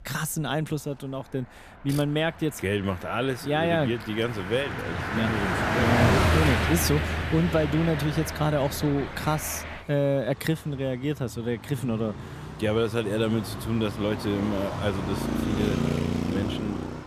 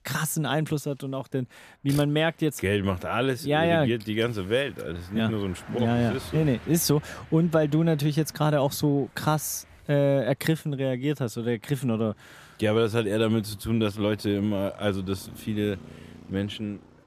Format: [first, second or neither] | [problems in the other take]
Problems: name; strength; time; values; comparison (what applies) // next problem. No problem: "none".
second | traffic noise; loud; throughout; 1 dB below the speech; faint in the second